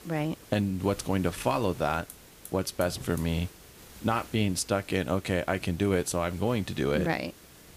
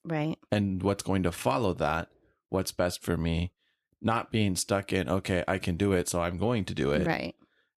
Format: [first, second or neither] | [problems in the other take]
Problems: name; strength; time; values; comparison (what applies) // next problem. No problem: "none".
second | hiss; noticeable; throughout; 20 dB below the speech